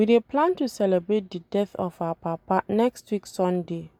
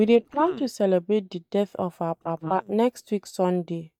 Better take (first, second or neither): first